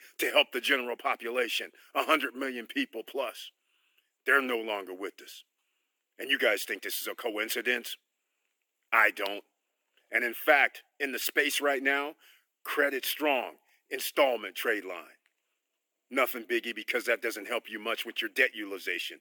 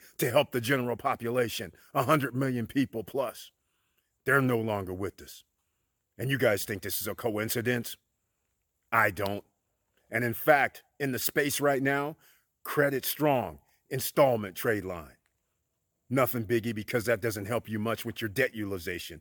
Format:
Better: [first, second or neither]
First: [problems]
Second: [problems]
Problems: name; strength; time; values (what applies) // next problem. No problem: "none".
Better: second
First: thin; somewhat; fading below 250 Hz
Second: none